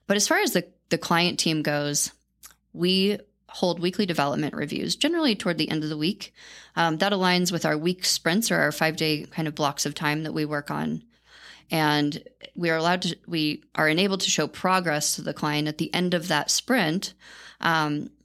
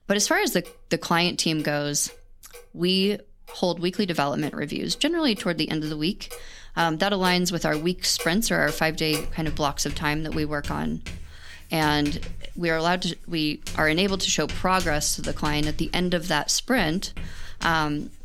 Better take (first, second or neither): first